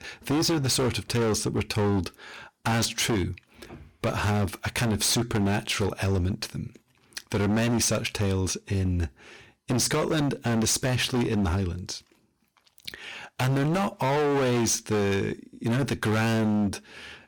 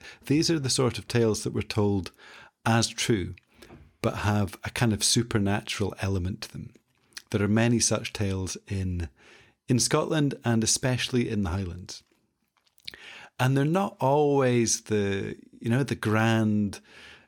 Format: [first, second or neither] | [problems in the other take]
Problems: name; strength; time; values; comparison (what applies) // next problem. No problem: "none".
second | distortion; heavy; 22% of the sound clipped